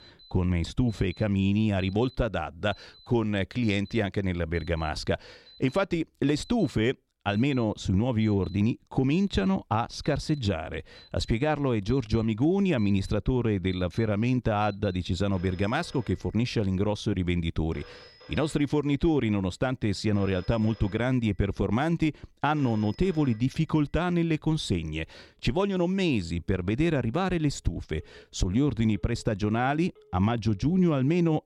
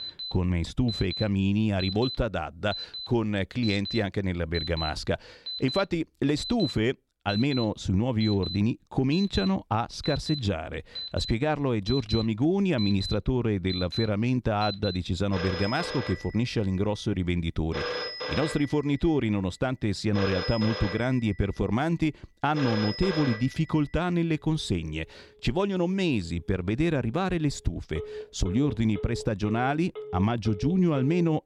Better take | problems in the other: first | alarms or sirens; loud; throughout; 9 dB below the speech; faint in the first

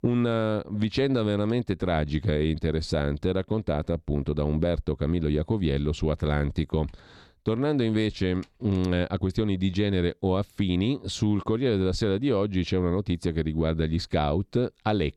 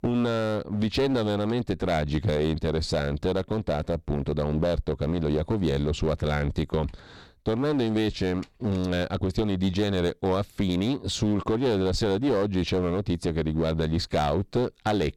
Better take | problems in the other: first | distortion; heavy; 12% of the sound clipped

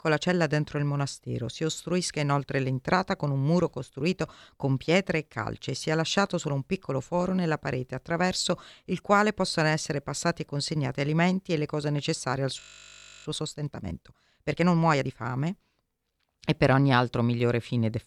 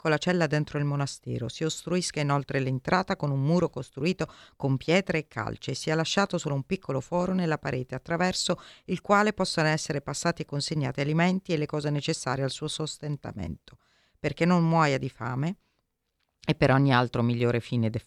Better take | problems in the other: second | audio freezing; at 13 s for 0.5 s

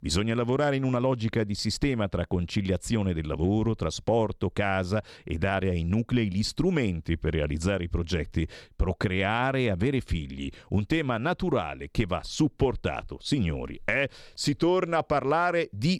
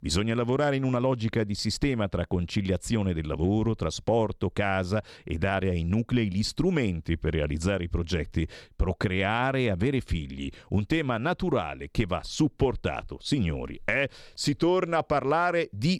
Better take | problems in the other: neither | none

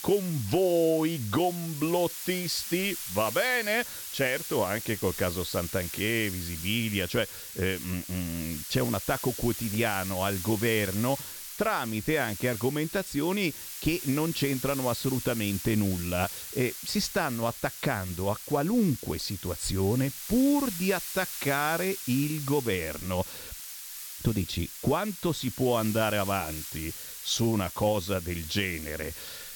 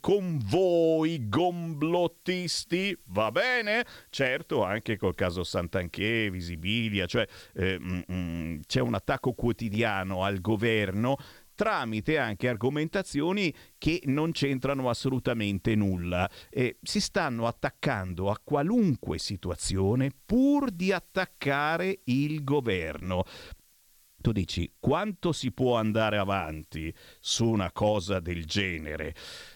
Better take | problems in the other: second | hiss; loud; throughout; 8 dB below the speech; faint in the second

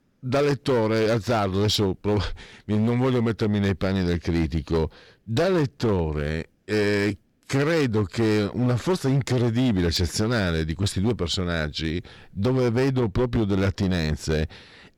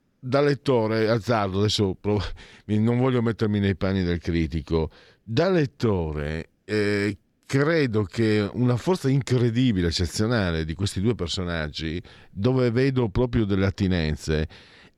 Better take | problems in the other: second | distortion; slight; 12% of the sound clipped

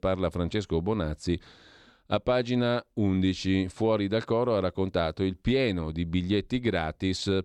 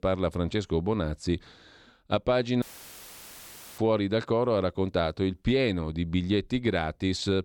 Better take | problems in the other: first | audio cutting out; filled with static; at 2.5 s for 1 s

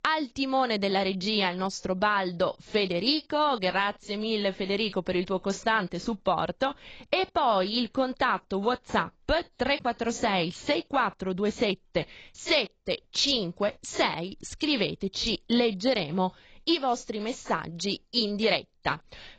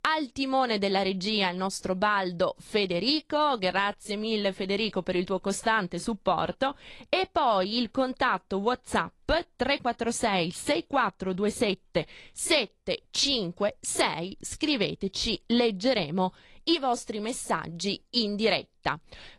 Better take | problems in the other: second | garbled, watery; badly; nothing above 7.5 kHz; slightly in the second

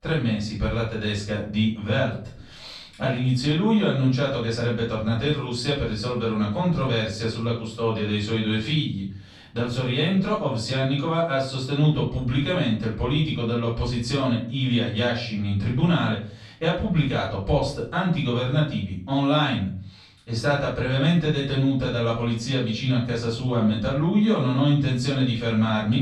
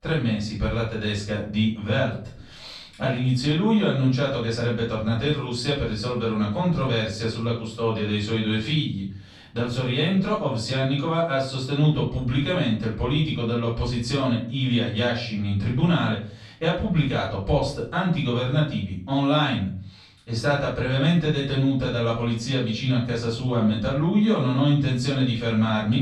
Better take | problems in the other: neither | room echo; noticeable; dies away in 0.4 s; the same in both // off-mic speech; far; the same in both

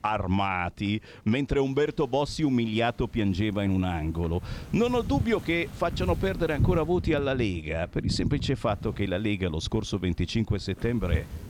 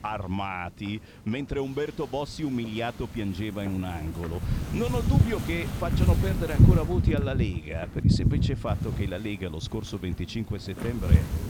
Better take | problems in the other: first | wind noise on the microphone; heavy; 3 dB below the speech; occasional gusts in the first

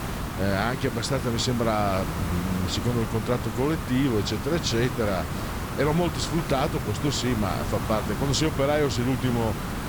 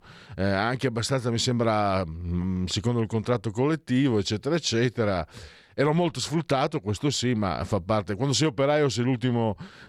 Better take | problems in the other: second | hiss; loud; throughout; 5 dB below the speech

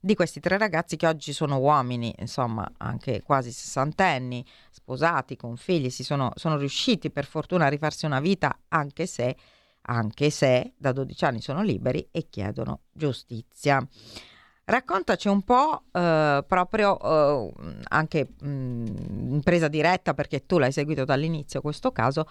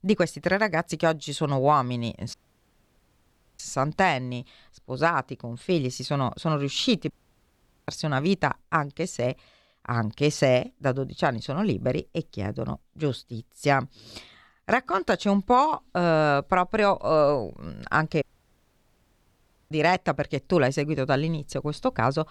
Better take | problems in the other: first | audio cutting out; at 2.5 s for 1.5 s, at 7 s for 1 s and at 18 s for 1.5 s

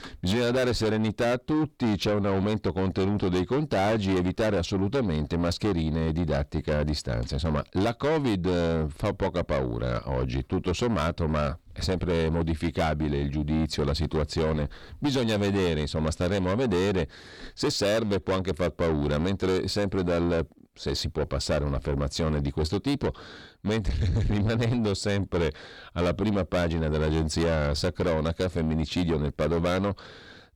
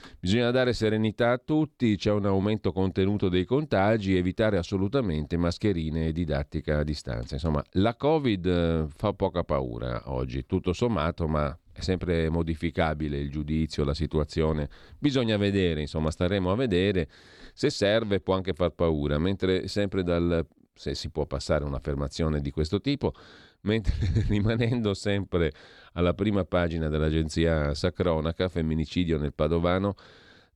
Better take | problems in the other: second | distortion; heavy; 7 dB below the speech

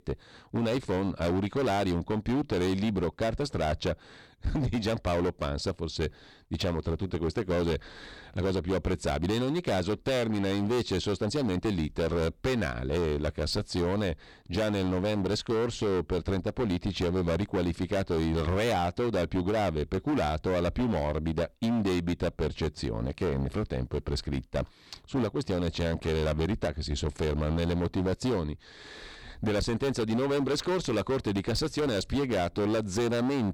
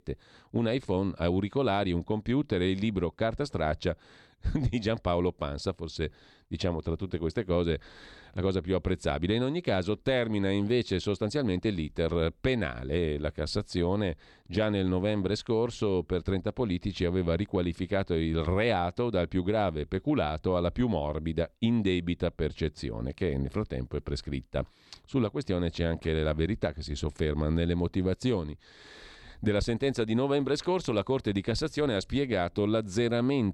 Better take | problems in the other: second | distortion; heavy; 20% of the sound clipped

